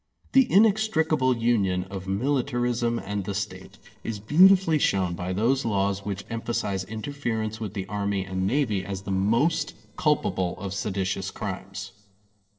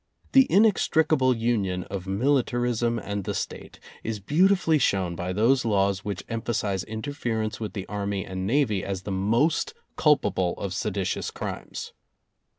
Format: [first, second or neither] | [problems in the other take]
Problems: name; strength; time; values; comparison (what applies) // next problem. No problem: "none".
second | noise reduction (neural separator model SepFormer DNS4)